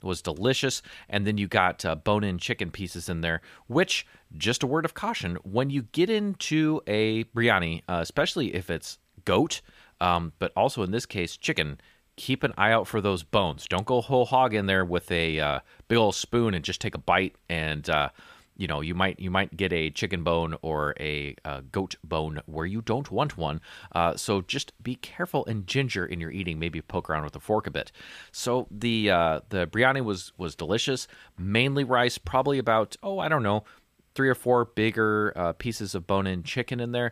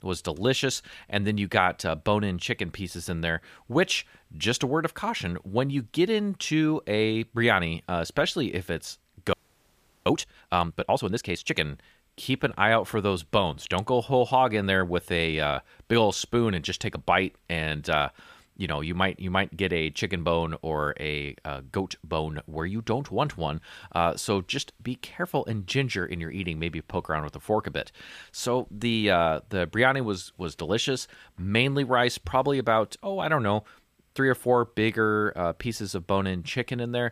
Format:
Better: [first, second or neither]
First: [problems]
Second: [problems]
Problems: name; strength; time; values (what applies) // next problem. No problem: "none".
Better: first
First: none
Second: audio freezing; at 9.5 s for 0.5 s